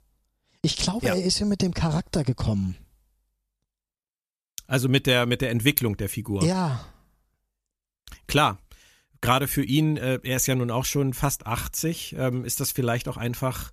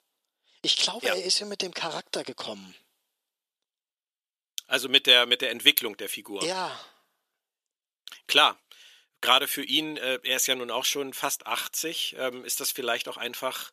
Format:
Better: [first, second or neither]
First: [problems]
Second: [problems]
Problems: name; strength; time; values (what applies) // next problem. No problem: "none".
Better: first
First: none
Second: thin; very; fading below 400 Hz